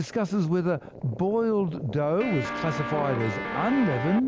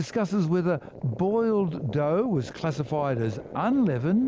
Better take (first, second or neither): second